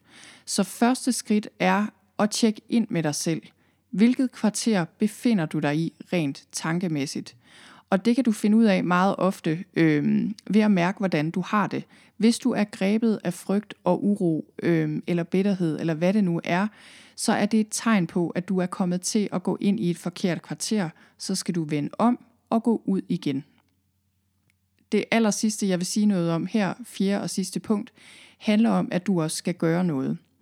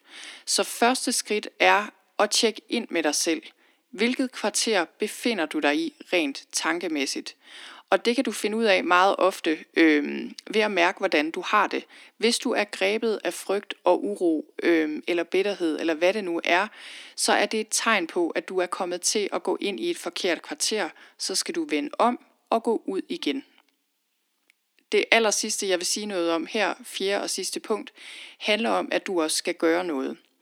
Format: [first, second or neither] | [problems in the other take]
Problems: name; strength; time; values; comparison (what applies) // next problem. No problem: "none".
first | thin; somewhat; fading below 300 Hz